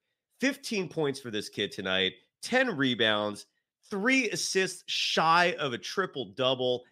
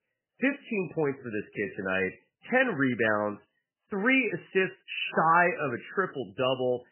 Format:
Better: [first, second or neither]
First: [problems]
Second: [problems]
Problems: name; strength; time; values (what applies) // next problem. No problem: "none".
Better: first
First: none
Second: garbled, watery; badly; nothing above 3 kHz